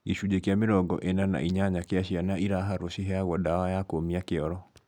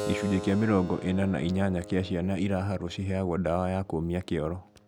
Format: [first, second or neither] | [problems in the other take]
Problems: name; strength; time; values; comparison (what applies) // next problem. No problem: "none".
first | background sound (Keyboard (musical)); 13 dB below the speech